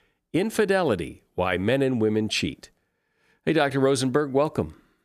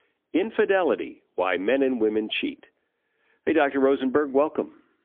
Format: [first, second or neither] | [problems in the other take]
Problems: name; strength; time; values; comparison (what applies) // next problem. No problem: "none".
first | phone-call audio; poor line; nothing above 3.5 kHz